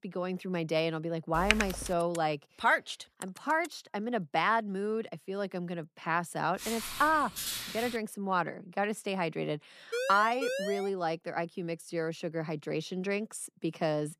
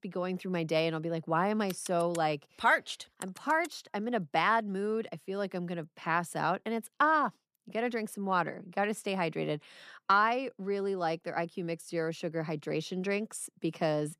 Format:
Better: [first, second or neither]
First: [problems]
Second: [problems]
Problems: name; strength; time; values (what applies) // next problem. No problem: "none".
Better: second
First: keyboard typing; loud; at 1.5 s; peak 3 dB above the speech // footsteps; noticeable; from 6.5 to 8 s; peak 2 dB below the speech // siren; noticeable; at 10 s; peak 2 dB below the speech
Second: none